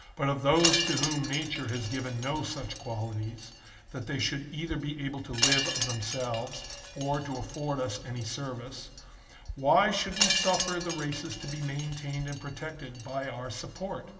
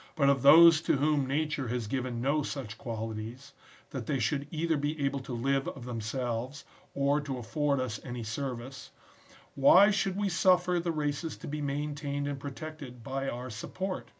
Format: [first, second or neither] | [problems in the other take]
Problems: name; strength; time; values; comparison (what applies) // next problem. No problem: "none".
second | background sound (Wind chime); 4 dB below the speech // room echo; dies away in 1.9 s